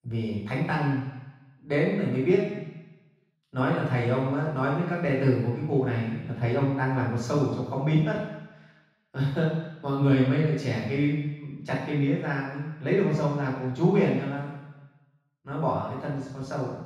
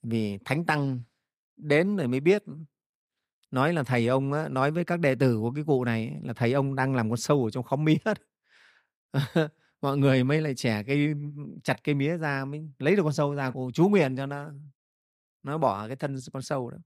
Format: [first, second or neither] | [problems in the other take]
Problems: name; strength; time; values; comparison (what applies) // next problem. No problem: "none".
second | room echo; strong; dies away in 1.1 s // off-mic speech; far